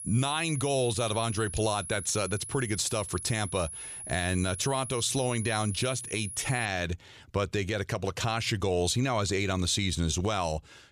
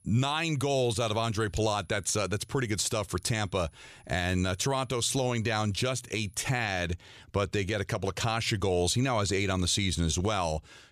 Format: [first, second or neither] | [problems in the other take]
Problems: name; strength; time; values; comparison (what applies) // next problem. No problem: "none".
second | high-pitched whine; loud; until 6.5 s; 10.5 kHz, 8 dB below the speech; faint in the second